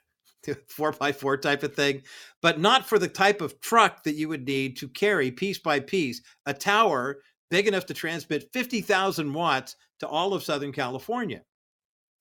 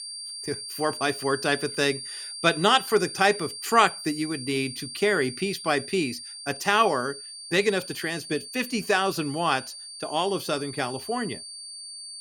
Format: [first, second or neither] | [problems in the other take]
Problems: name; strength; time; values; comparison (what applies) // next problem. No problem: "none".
first | high-pitched whine; noticeable; throughout; 4.5 kHz, 10 dB below the speech